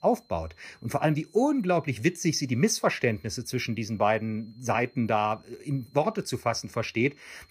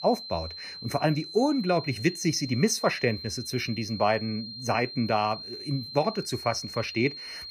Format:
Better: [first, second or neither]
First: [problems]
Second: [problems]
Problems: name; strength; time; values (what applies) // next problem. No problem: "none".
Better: first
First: high-pitched whine; faint; throughout; 4 kHz, 35 dB below the speech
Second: high-pitched whine; loud; throughout; 4 kHz, 10 dB below the speech